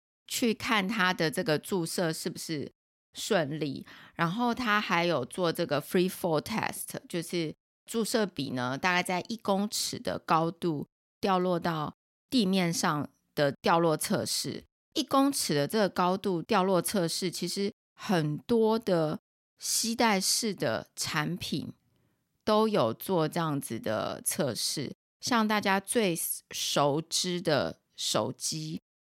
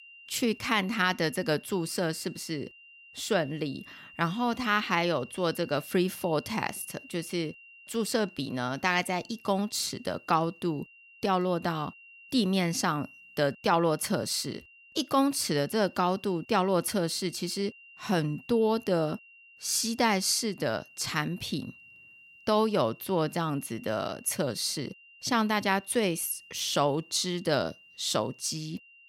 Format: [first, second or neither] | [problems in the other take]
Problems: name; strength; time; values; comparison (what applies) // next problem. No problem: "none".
first | high-pitched whine; faint; throughout; 3 kHz, 20 dB below the speech